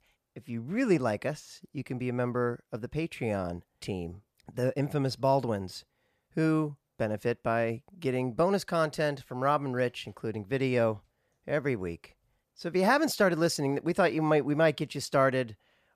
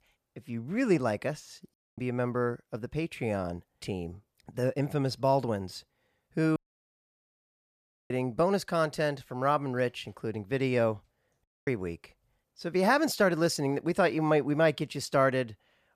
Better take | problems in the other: first | audio cutting out; at 1.5 s, at 6.5 s for 1.5 s and at 11 s

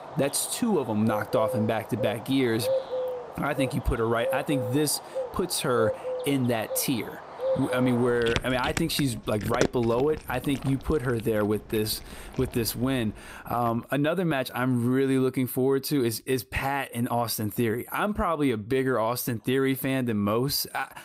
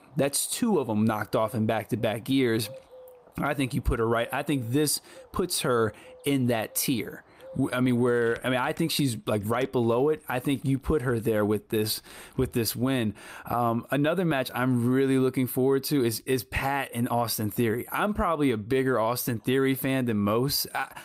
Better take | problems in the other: second | animal sounds; loud; until 13 s; 7 dB below the speech; faint in the second

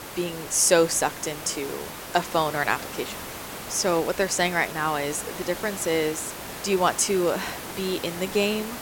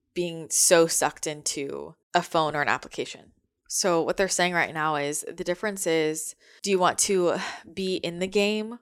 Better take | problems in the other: second | hiss; noticeable; throughout; 10 dB below the speech

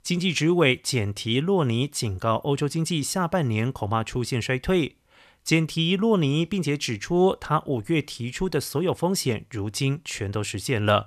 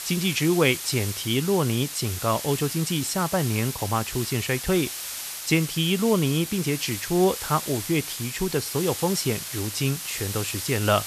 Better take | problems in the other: first | hiss; loud; throughout; 6 dB below the speech

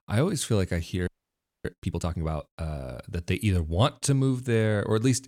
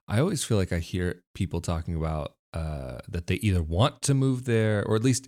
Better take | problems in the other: second | audio freezing; at 1 s for 0.5 s

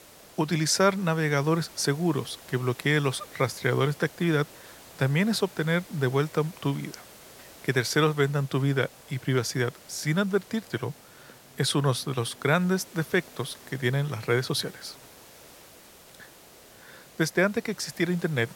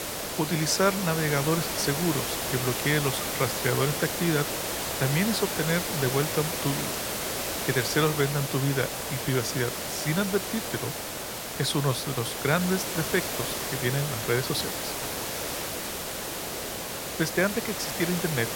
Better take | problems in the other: first | hiss; loud; throughout; 2 dB below the speech; faint in the first

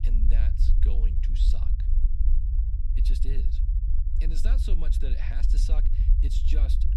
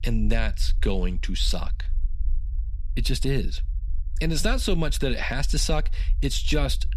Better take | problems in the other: second | low rumble; loud; throughout; 3 dB below the speech; faint in the second

